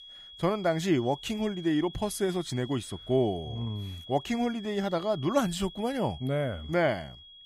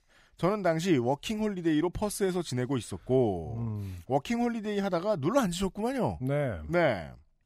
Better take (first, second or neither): second